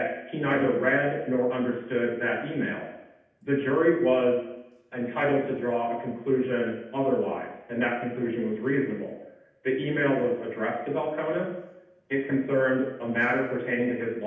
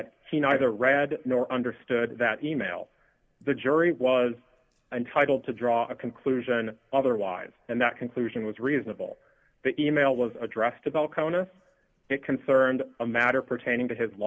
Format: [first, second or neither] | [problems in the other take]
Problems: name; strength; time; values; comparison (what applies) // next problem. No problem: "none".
second | room echo; dies away in 0.8 s